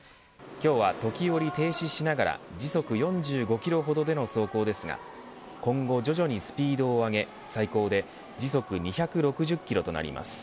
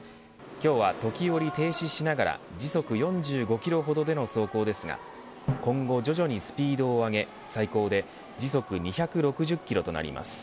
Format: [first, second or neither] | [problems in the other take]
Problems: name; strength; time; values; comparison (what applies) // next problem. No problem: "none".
first | background sound (Drum); 17 dB below the speech